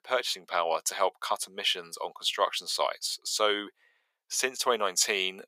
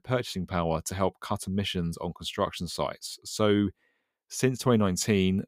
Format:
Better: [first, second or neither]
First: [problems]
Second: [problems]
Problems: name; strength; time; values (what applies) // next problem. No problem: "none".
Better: second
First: thin; very; fading below 550 Hz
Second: none